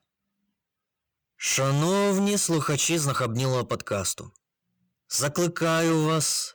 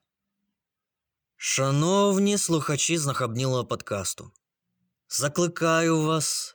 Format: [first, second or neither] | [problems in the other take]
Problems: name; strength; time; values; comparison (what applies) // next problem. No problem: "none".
second | distortion; slight; 14% of the sound clipped